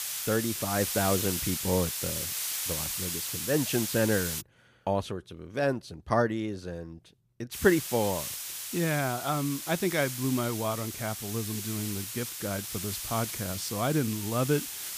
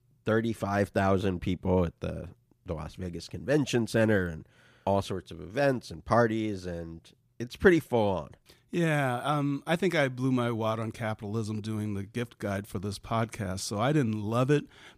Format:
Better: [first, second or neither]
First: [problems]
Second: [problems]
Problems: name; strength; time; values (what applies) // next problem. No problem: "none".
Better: second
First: hiss; loud; until 4.5 s and from 7.5 s on; 3 dB below the speech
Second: none